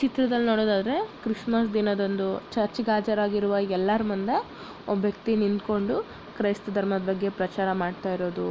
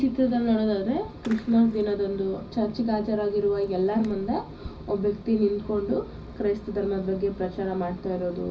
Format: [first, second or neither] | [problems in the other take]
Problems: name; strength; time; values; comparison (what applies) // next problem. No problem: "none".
first | background sound (Fireworks); 19 dB below the speech // room echo; dies away in 0.4 s